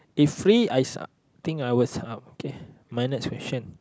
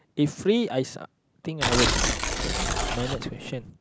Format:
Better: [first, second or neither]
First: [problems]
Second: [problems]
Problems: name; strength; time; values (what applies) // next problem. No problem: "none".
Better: first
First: none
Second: background sound (Tearing); 2 dB above the speech